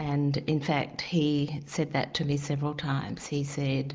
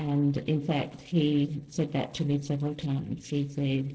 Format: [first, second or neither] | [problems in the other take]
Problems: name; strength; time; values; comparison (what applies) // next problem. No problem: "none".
first | noise reduction (neural separator model SepFormer DNS4)